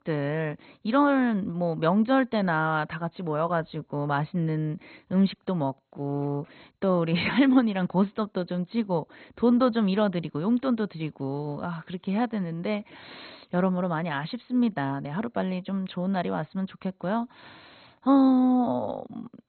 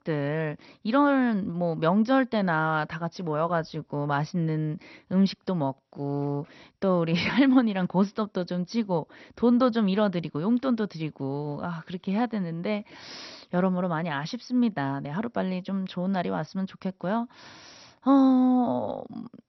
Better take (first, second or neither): second